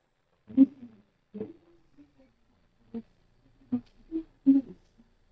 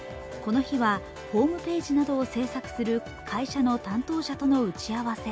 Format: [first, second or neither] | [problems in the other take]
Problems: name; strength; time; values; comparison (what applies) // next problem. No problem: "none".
second | noise reduction (neural mask model DeepFilterNet 3)